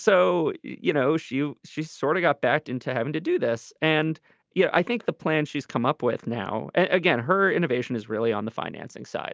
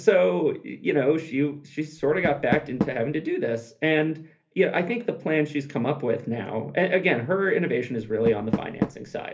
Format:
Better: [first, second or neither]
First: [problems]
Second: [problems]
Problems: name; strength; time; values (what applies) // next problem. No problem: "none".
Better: first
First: none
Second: background sound (Door); 11 dB below the speech // room echo; dies away in 0.3 s